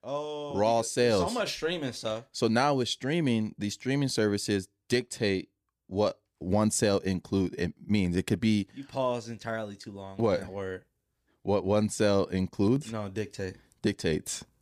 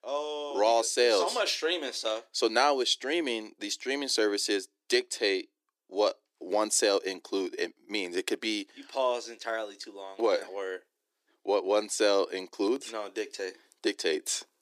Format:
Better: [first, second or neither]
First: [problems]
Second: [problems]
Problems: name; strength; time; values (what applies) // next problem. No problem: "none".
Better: first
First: none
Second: thin; somewhat; fading below 300 Hz